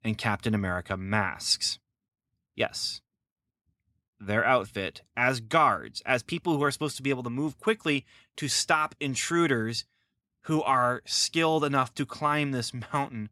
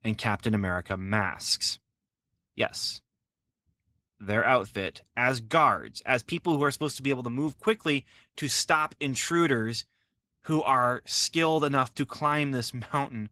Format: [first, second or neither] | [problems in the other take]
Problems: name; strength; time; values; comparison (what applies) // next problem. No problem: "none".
first | garbled, watery; slightly; nothing above 16 kHz